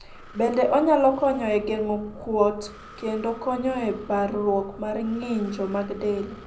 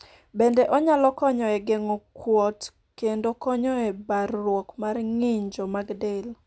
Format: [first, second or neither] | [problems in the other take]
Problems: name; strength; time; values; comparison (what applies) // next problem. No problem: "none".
second | background sound (Breathing); 19 dB below the speech // room echo; dies away in 0.5 s